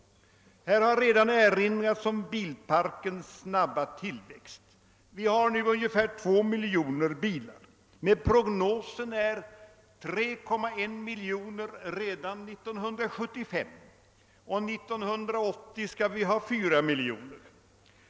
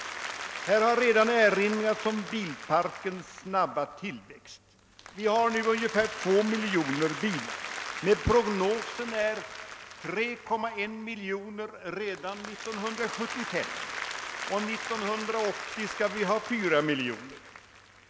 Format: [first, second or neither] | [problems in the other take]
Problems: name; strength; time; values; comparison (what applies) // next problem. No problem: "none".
first | background sound (Applause); 10 dB below the speech